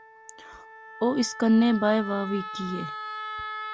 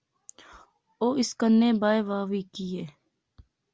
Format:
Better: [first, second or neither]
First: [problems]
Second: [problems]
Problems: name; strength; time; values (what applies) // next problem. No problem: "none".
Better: second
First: background sound (Wind instrument, woodwind instrument); 11 dB below the speech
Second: none